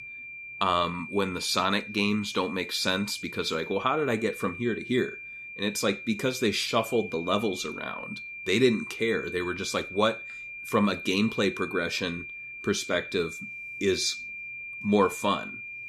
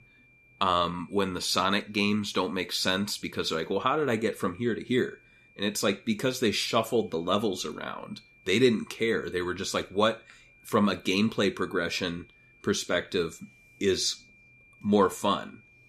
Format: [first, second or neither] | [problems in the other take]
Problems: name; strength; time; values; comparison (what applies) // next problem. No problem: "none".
second | high-pitched whine; loud; throughout; 2.5 kHz, 10 dB below the speech; faint in the second